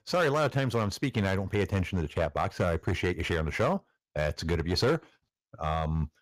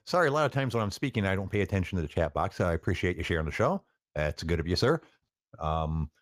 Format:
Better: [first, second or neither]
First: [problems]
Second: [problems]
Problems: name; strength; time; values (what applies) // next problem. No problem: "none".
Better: second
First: distortion; slight; 5% of the sound clipped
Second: none